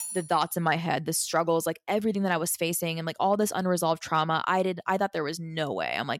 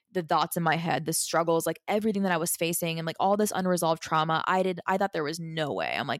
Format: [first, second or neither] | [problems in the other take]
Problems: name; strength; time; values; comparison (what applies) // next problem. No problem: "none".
second | clattering dishes; noticeable; at the start; peak 8 dB below the speech